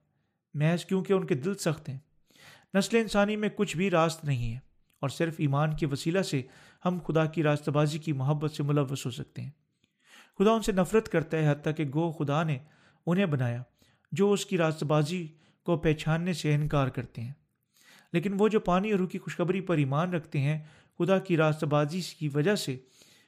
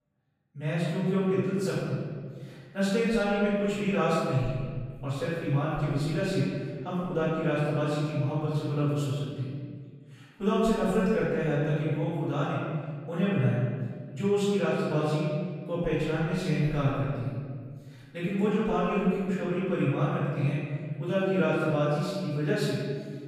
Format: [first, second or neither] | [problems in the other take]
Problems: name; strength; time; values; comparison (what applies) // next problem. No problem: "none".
first | off-mic speech; far // room echo; strong; dies away in 1.7 s